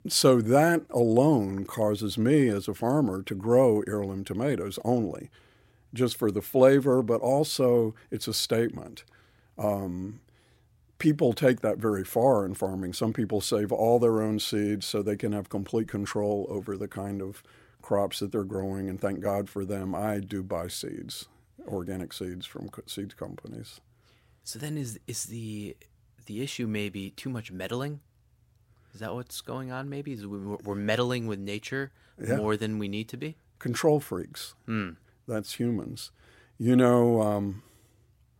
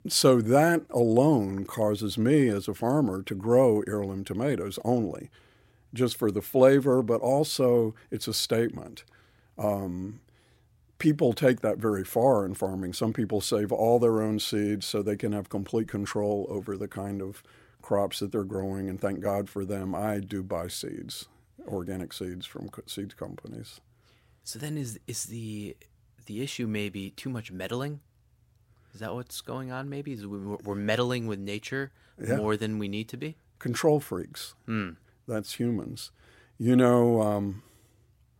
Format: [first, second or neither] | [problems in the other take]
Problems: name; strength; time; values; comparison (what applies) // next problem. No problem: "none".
neither | none